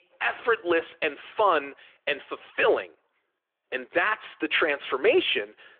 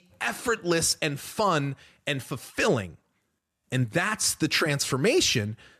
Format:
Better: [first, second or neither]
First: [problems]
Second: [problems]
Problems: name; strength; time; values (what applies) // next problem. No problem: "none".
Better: second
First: phone-call audio; nothing above 3.5 kHz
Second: none